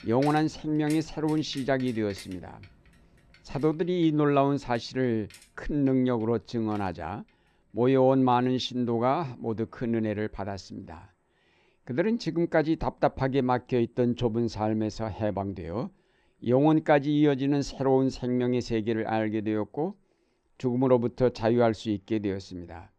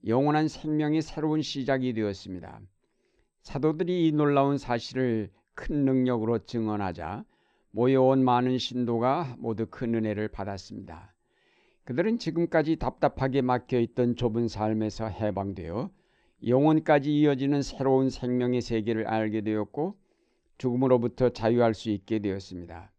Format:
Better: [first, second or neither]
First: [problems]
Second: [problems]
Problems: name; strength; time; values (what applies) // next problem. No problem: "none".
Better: second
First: traffic noise; faint; throughout; 25 dB below the speech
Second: none